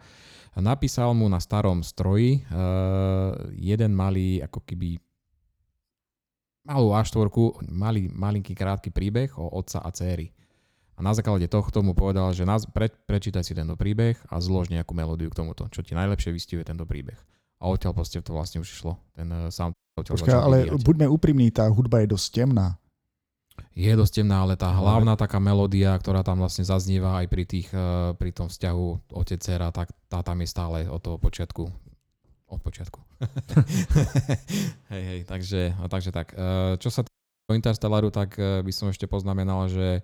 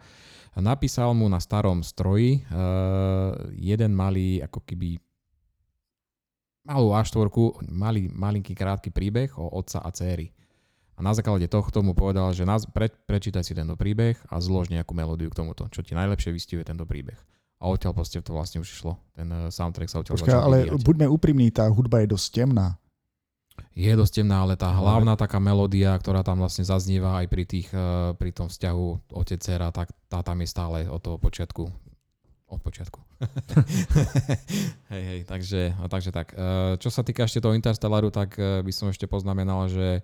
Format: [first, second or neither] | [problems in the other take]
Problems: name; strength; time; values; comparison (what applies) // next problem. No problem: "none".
second | audio cutting out; at 20 s and at 37 s